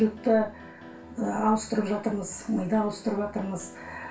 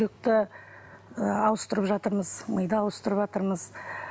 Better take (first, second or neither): second